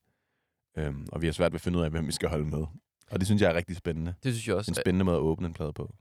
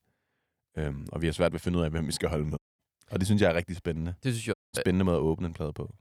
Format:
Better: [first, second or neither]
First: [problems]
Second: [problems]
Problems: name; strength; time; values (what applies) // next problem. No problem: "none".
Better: first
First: none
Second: audio cutting out; at 2.5 s and at 4.5 s